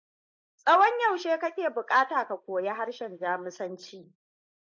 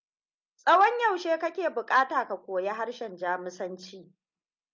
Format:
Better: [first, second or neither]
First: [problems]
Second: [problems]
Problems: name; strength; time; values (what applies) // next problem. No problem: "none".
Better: second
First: noise reduction (neural mask model Resemble Enhance denoiser)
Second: none